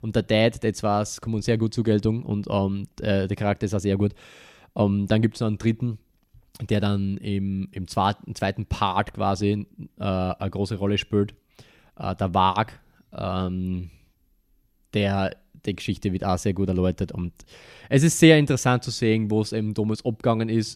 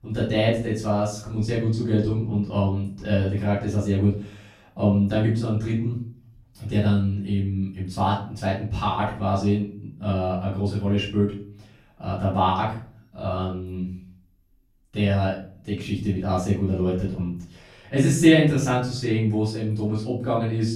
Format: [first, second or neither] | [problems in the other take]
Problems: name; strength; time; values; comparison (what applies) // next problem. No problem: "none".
first | room echo; noticeable; dies away in 0.4 s // off-mic speech; far